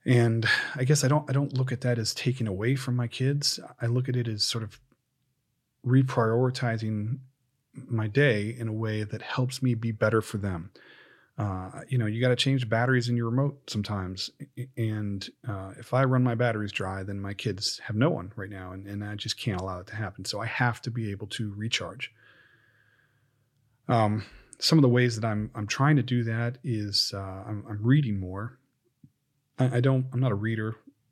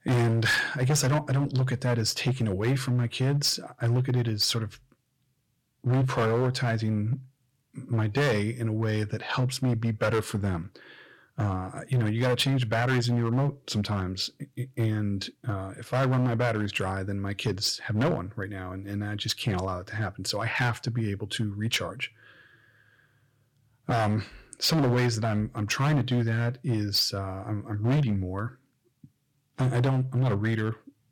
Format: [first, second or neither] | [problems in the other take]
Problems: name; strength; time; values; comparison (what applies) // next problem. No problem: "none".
first | distortion; heavy; 9% of the sound clipped